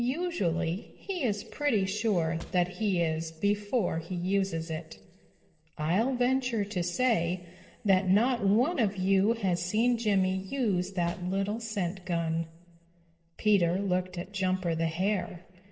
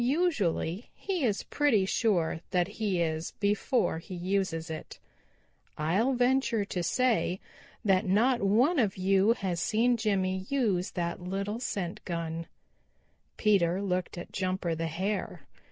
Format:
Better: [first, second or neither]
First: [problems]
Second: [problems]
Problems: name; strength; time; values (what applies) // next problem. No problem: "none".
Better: second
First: noise reduction (neural separator model SepFormer DNS4)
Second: none